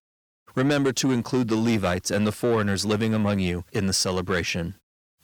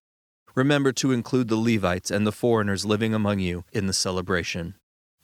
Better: second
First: distortion; slight; 10 dB below the speech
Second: none

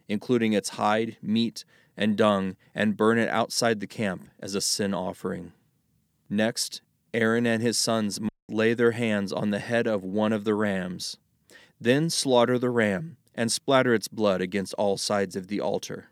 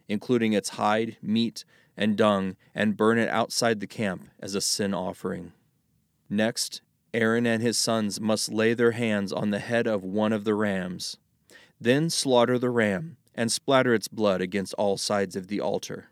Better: second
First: audio cutting out; at 8.5 s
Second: none

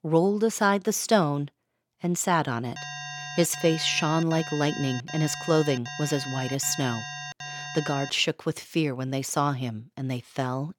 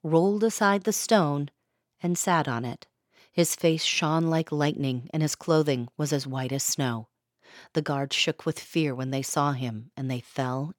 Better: second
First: alarm; noticeable; from 3 to 8 s; peak 8 dB below the speech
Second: none

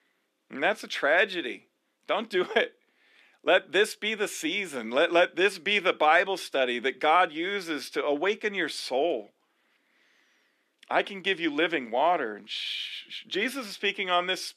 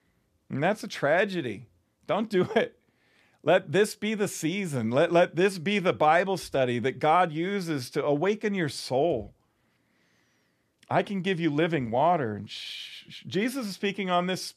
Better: second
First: thin; somewhat; fading below 250 Hz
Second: none

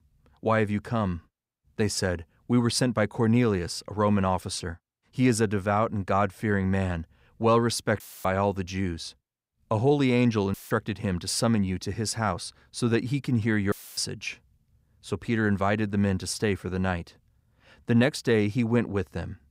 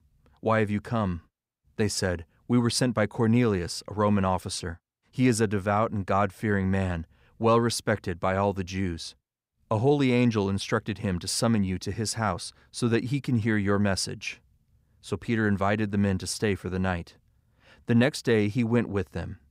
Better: second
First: audio cutting out; filled with static; at 8 s, at 11 s and at 14 s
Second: none

